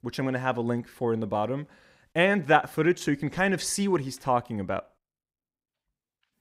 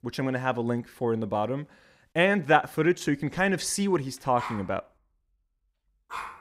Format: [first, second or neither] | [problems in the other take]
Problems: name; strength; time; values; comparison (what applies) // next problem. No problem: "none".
first | dog barking; noticeable; from 4.5 s on; peak 10 dB below the speech